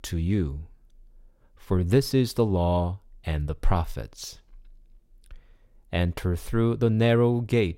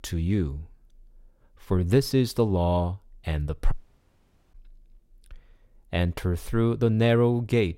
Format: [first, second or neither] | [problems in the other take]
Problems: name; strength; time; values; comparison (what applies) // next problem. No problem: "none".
first | audio cutting out; at 3.5 s for 1 s